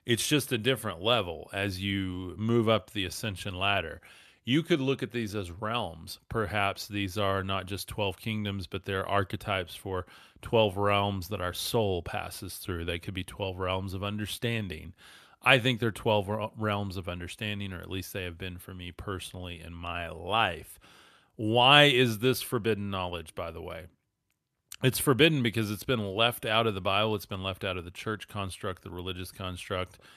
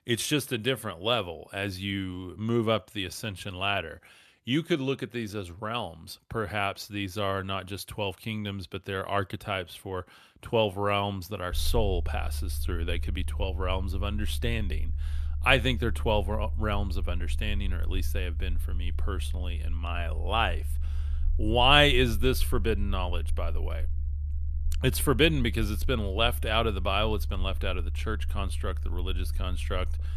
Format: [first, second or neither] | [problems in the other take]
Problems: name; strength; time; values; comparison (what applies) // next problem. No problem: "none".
first | low rumble; faint; from 12 s on; 25 dB below the speech